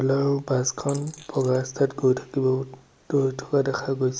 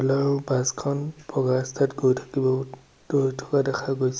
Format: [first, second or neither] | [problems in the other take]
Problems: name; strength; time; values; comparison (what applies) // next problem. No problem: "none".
second | noise reduction (neural mask model Resemble Enhance denoiser)